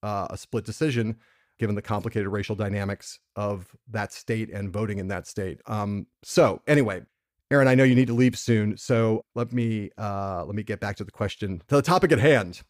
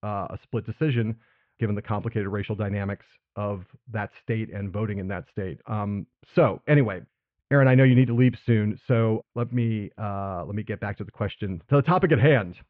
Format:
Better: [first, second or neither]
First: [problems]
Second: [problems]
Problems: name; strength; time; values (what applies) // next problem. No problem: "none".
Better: first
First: none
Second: muffled; very; fading above 3 kHz